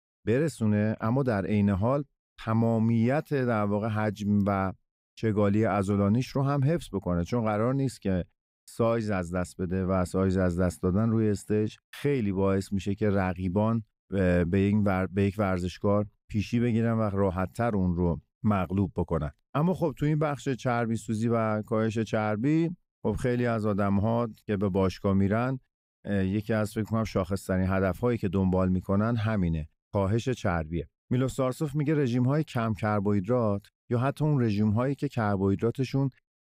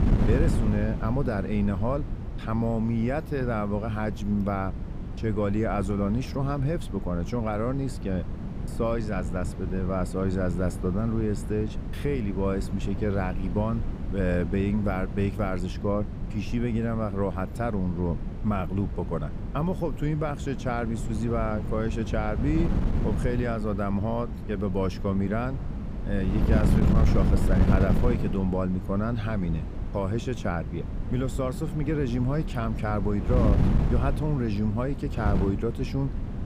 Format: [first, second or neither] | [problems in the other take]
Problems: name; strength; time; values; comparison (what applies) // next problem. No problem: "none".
first | wind noise on the microphone; heavy; 8 dB below the speech